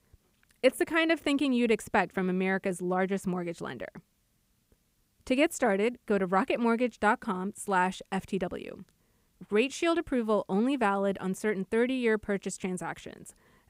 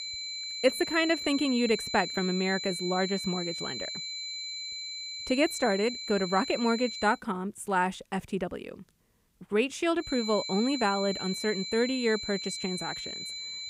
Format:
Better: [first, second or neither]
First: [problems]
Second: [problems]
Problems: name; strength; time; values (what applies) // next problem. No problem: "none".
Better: first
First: none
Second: high-pitched whine; loud; until 7 s and from 10 s on; 4 kHz, 6 dB below the speech